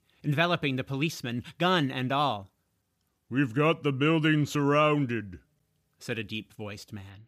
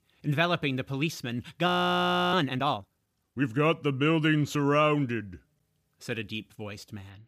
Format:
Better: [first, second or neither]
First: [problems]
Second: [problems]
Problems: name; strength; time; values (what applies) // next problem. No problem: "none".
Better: first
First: none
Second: audio freezing; at 1.5 s for 0.5 s